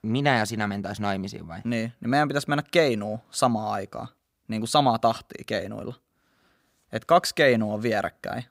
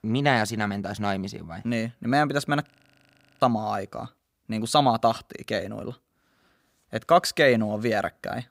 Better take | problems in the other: first | audio freezing; at 2.5 s for 0.5 s

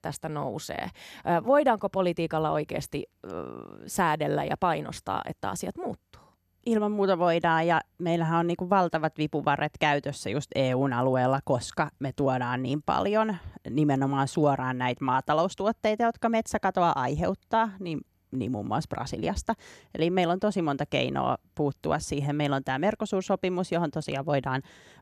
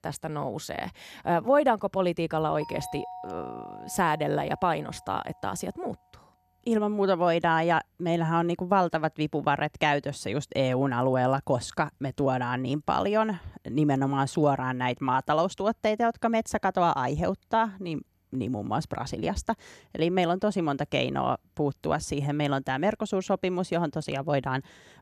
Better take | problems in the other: first | doorbell; faint; from 2.5 to 5.5 s; peak 10 dB below the speech

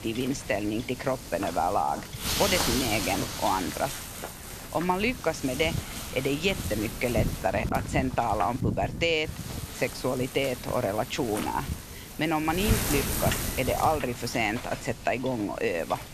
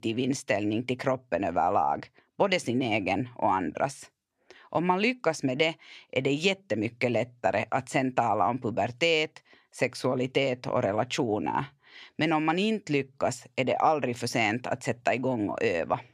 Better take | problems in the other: second | wind noise on the microphone; heavy; 7 dB below the speech

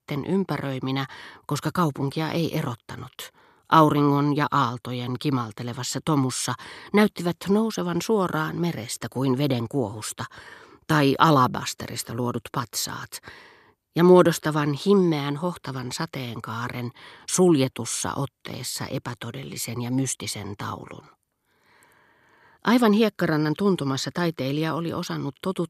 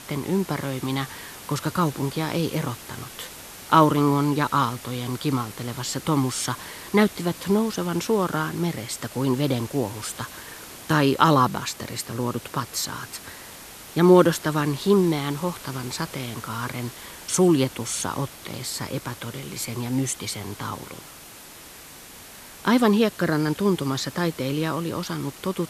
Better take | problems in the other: first | hiss; noticeable; throughout; 15 dB below the speech

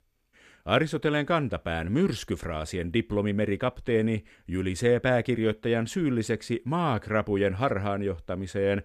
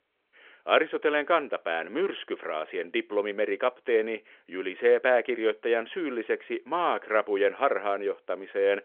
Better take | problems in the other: first | phone-call audio; nothing above 3.5 kHz

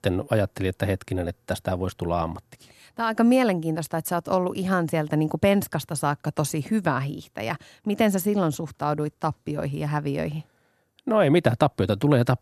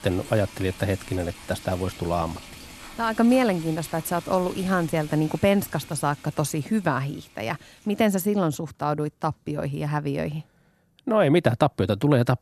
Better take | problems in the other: first | rain or running water; noticeable; throughout; 20 dB below the speech

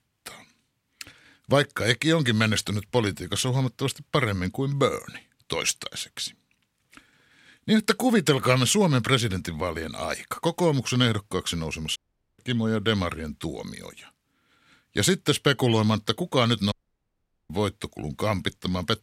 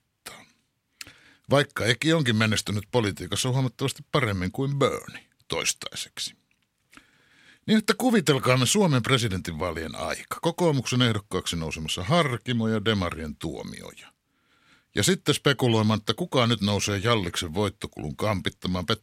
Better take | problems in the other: second | audio cutting out; at 12 s and at 17 s for 1 s

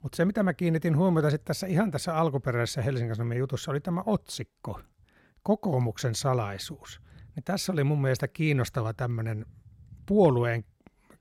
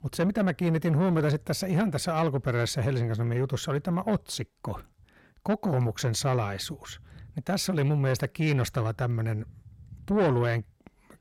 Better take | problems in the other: first | distortion; slight; 10 dB below the speech

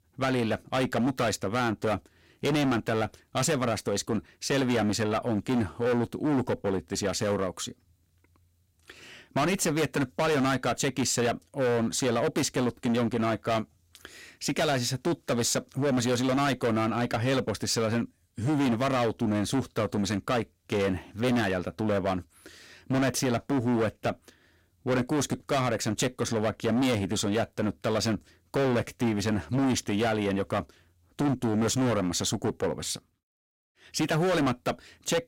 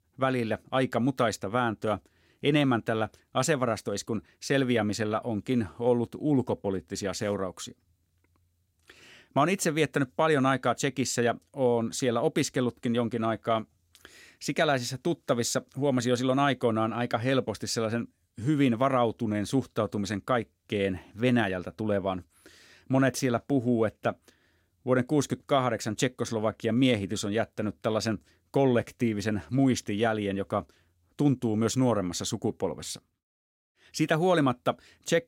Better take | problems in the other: second | distortion; heavy; 17% of the sound clipped

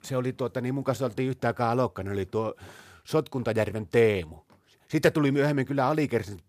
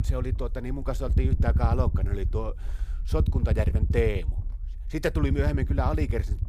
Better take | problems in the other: first | low rumble; loud; throughout; 10 dB below the speech

